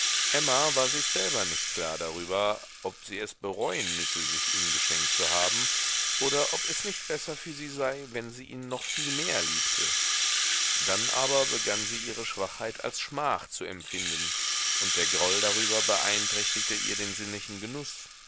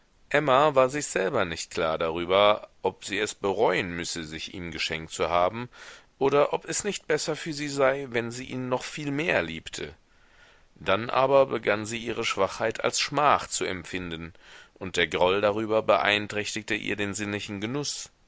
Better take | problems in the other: second | background sound (Rattle (instrument)); 4 dB above the speech

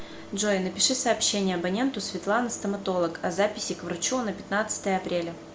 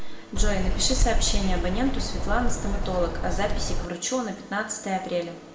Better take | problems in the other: first | background sound (Bird vocalization, bird call, bird song); 4 dB above the speech // room echo; dies away in 0.8 s

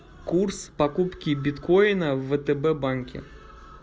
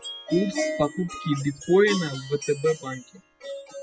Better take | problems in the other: first | noise reduction (classical method spectral subtraction)

